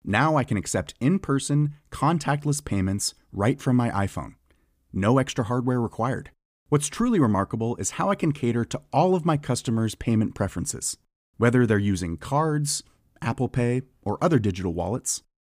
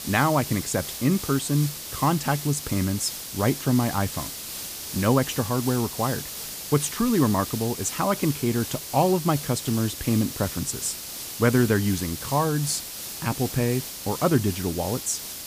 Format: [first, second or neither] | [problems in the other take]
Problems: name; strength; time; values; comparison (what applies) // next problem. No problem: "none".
first | hiss; loud; throughout; 7 dB below the speech